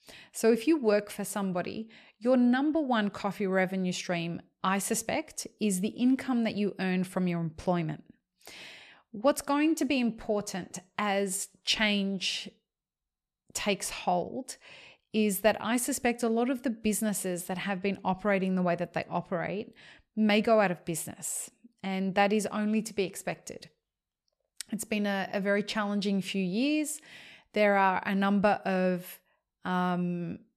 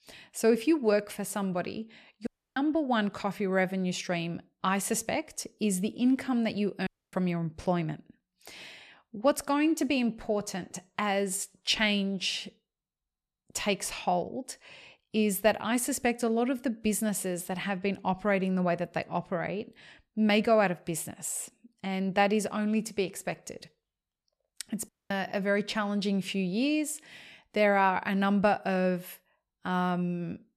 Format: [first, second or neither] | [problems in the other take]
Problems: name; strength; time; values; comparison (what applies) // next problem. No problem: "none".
first | audio cutting out; at 2.5 s, at 7 s and at 25 s